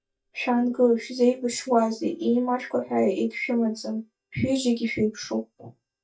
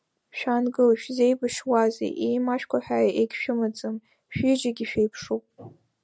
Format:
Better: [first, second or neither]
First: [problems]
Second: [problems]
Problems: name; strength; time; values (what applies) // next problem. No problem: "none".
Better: second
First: noise reduction (neural mask model DeepFilterNet 3)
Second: none